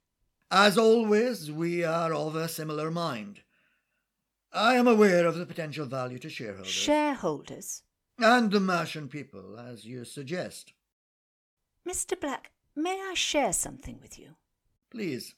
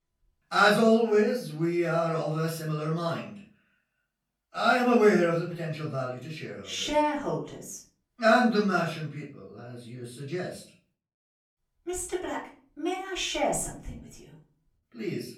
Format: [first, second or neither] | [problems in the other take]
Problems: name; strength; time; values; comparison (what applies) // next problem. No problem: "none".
first | off-mic speech; far // room echo; slight; dies away in 0.4 s